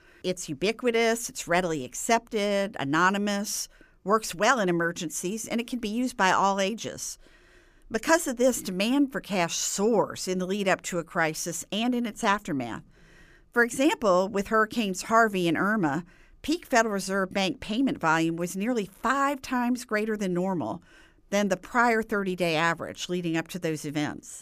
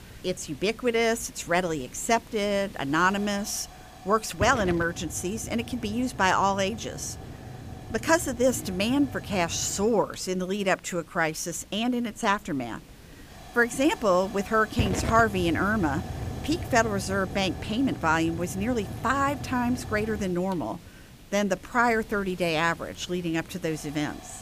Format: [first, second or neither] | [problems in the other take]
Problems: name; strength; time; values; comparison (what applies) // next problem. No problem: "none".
first | hiss; noticeable; throughout; 10 dB below the speech